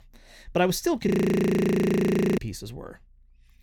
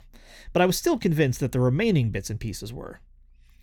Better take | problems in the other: second | audio freezing; at 1 s for 1.5 s

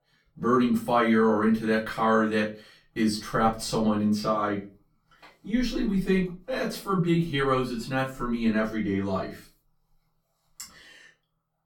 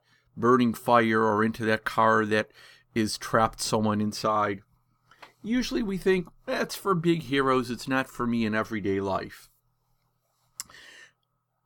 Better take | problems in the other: second | off-mic speech; far // room echo; slight; dies away in 0.3 s

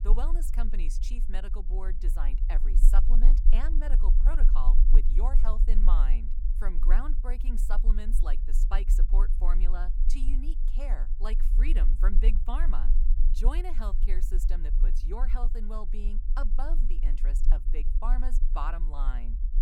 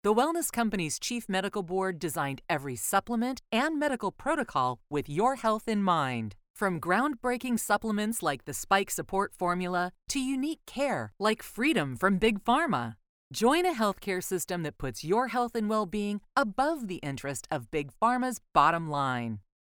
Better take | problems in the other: second | low rumble; noticeable; throughout; 10 dB below the speech

